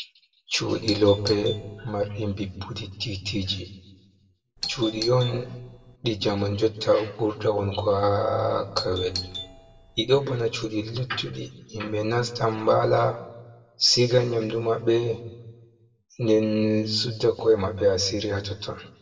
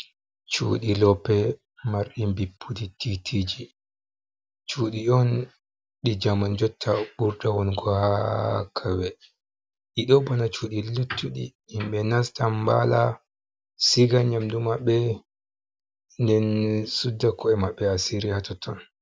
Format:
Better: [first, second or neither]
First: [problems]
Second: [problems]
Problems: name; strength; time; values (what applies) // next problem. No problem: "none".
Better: second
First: background sound (Doorbell); 11 dB below the speech // room echo; dies away in 0.9 s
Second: none